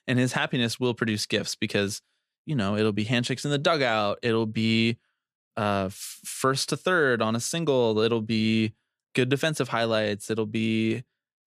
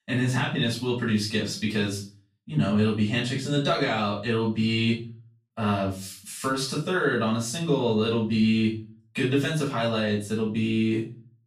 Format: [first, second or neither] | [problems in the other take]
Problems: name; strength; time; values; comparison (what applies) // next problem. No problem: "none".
first | off-mic speech; far // room echo; slight; dies away in 0.3 s